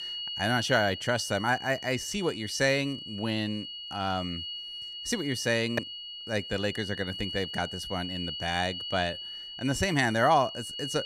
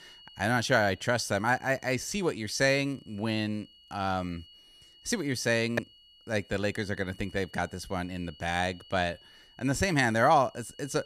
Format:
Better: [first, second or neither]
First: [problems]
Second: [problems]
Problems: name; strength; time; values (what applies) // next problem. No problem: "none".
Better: second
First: high-pitched whine; loud; throughout; 3 kHz, 7 dB below the speech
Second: high-pitched whine; faint; throughout; 3 kHz, 25 dB below the speech